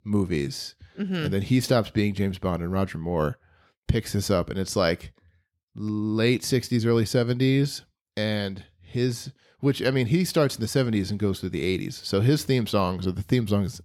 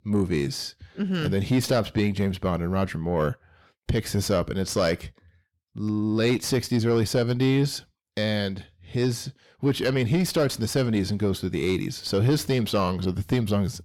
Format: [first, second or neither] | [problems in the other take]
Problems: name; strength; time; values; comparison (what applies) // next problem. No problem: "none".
first | distortion; slight; 10 dB below the speech